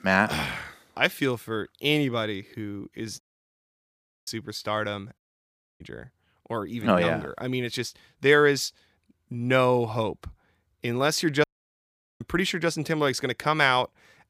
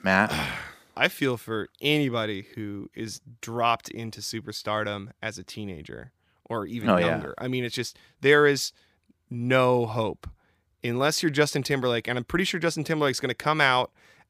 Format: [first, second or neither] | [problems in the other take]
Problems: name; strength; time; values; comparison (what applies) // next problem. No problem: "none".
second | audio cutting out; at 3 s for 1 s, at 5 s for 0.5 s and at 11 s for 1 s